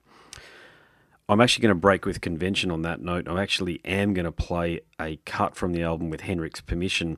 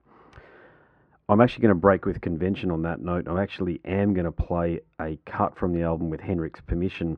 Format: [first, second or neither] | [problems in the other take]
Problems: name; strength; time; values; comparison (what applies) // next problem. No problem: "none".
first | muffled; very; fading above 4 kHz